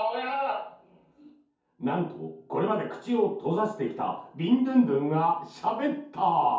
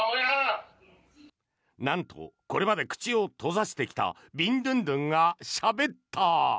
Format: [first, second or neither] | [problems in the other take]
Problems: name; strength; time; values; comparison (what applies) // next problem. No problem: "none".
second | room echo; dies away in 0.6 s